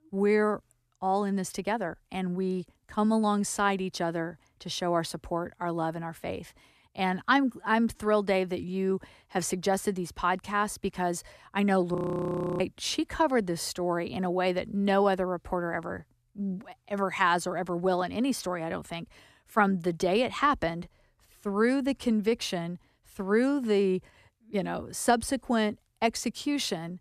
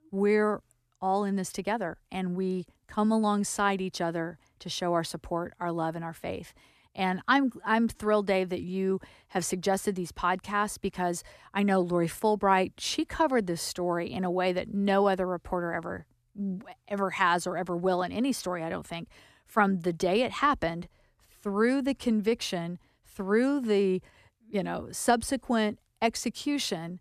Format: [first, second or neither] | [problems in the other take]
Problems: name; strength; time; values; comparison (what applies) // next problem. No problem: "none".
second | audio freezing; at 12 s for 0.5 s